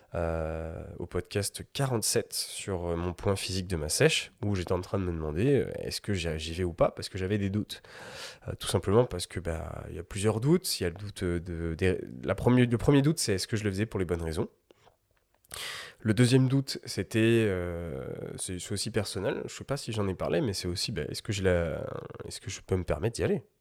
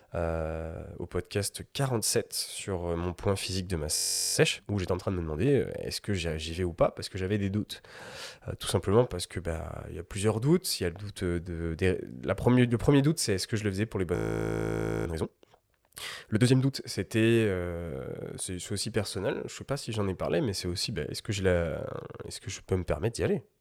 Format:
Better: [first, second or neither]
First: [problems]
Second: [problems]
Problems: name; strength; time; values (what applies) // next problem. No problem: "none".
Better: first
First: none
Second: audio freezing; at 4 s and at 14 s for 1 s